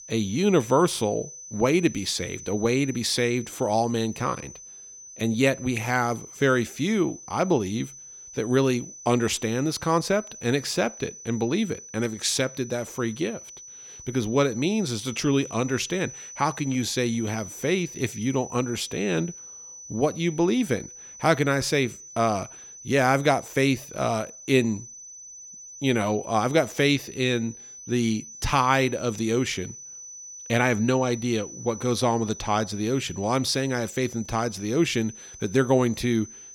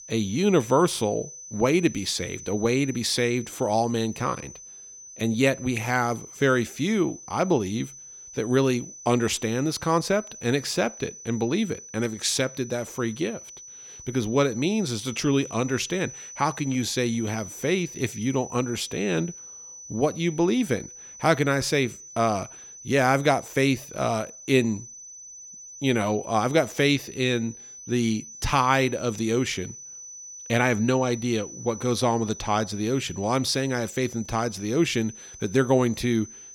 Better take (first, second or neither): neither